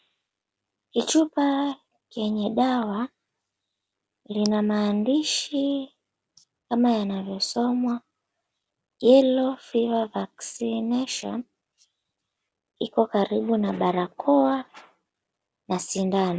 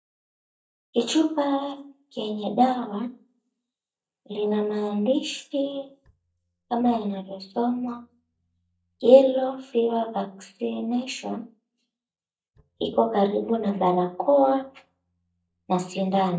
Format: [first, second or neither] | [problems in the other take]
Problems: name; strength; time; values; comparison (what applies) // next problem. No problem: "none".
first | noise reduction (neural mask model DeepFilterNet 3)